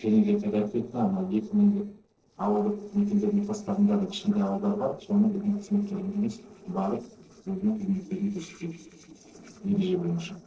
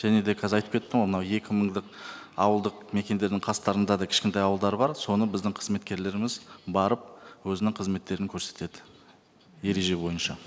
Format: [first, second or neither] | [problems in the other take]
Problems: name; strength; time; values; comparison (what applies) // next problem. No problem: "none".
second | noise reduction (neural separator model SepFormer DNS4)